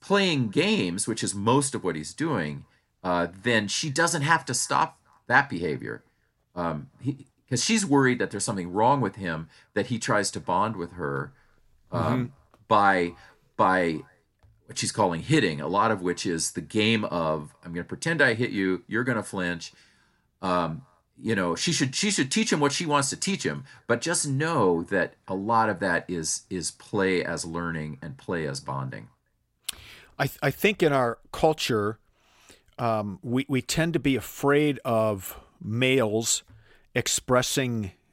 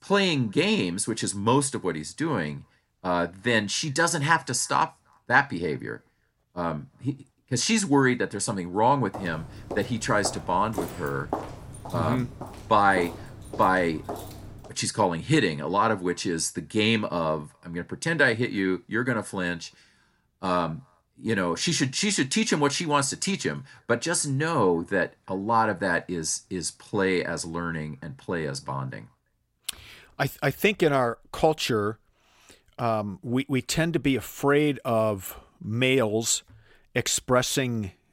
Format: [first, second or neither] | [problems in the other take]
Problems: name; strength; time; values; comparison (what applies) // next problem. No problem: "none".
first | footsteps; noticeable; from 9 to 15 s; peak 8 dB below the speech